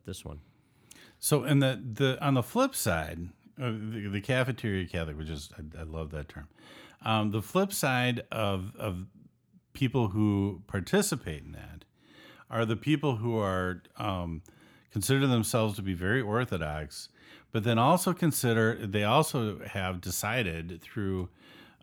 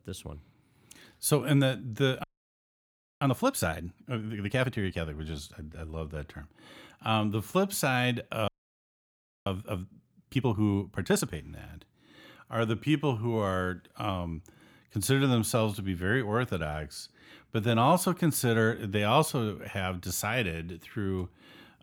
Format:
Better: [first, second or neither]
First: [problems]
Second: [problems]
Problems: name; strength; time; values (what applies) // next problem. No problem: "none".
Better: first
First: none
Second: audio freezing; at 2 s for 1 s and at 8.5 s for 1 s